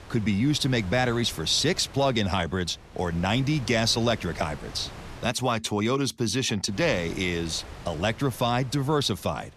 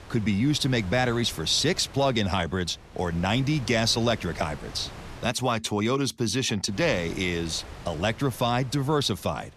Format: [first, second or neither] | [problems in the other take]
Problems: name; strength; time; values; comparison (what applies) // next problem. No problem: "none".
neither | wind noise on the microphone; occasional gusts; until 5.5 s and from 6.5 s on; 20 dB below the speech; the same in both